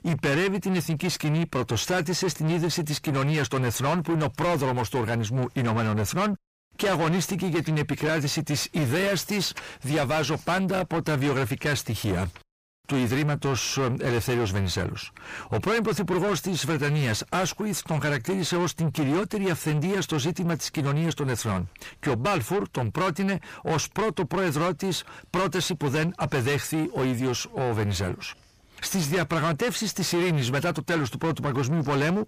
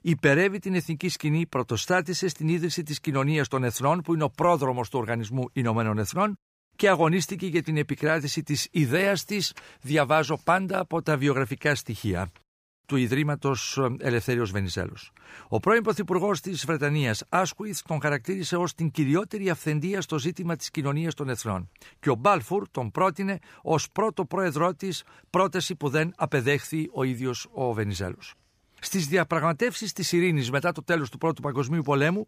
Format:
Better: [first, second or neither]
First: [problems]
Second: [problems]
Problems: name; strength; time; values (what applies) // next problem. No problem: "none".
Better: second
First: distortion; heavy; 6 dB below the speech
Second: none